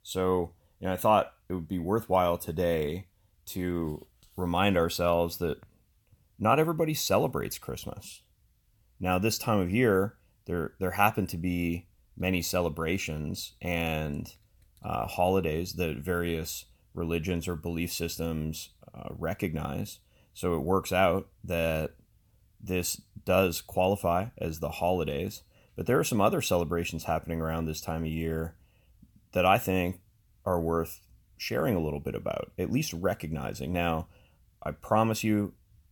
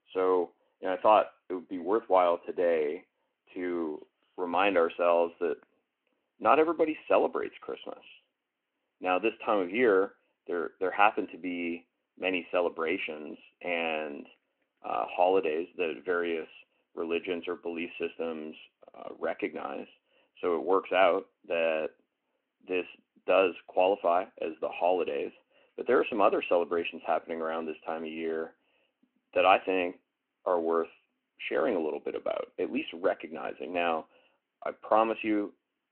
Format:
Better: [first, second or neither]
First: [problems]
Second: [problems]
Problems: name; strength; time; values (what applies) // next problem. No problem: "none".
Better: first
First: none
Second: phone-call audio